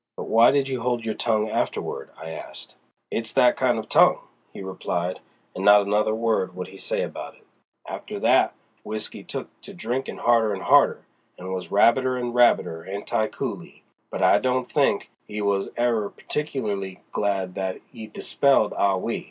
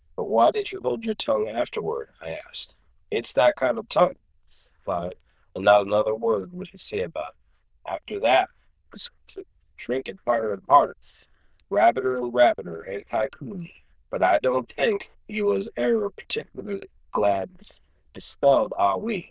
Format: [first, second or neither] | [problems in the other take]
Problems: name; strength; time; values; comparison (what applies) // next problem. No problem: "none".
first | noise reduction (neural diffusion model UNIVERSE++)